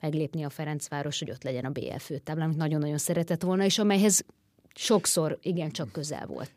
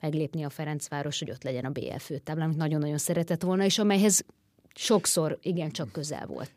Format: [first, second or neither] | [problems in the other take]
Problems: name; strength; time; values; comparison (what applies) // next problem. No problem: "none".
neither | none